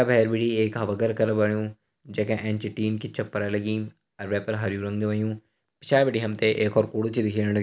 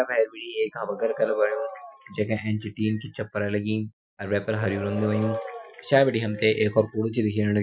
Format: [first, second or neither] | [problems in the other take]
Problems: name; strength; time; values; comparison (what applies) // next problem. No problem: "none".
first | noise reduction (classical method Wiener filter)